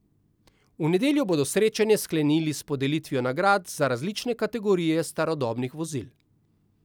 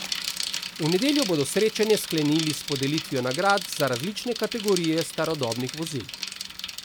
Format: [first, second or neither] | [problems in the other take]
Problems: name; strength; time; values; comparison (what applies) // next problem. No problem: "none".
first | background sound (Bicycle); 7 dB below the speech